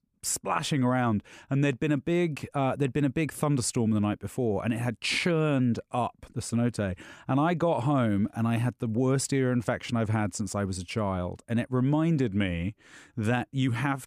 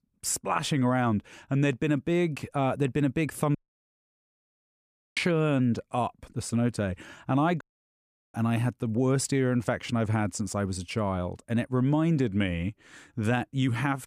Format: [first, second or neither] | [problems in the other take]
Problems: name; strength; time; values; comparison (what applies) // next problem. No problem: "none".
first | audio cutting out; at 3.5 s for 1.5 s and at 7.5 s for 0.5 s